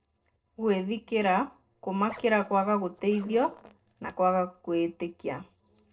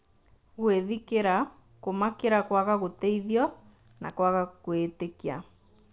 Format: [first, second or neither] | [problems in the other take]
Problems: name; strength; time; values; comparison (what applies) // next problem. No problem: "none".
second | noise reduction (neural separator model SepFormer DNS4)